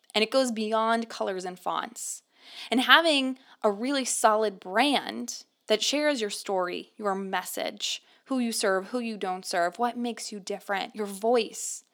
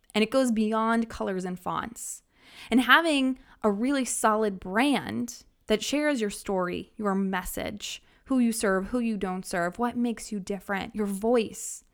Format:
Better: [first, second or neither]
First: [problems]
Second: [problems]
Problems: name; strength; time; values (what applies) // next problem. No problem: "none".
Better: second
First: thin; very slightly; fading below 250 Hz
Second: none